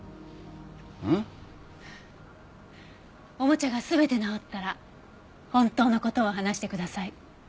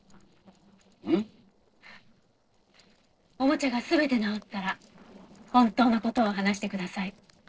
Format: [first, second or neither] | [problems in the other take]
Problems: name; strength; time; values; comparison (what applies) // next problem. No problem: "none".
first | noise reduction (neural separator model SepFormer DNS4)